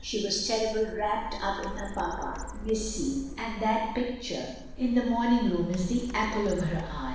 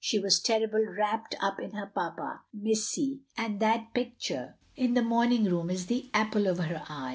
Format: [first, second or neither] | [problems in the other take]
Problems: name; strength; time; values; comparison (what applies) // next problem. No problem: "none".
second | background sound (Printer); 11 dB below the speech // room echo; dies away in 0.9 s